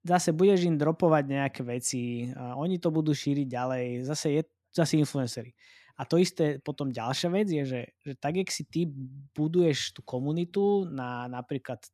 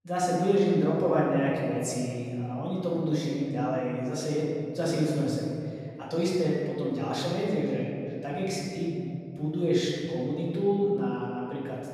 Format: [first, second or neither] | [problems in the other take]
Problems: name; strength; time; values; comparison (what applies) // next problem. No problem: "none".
first | room echo; strong; dies away in 2.3 s // off-mic speech; far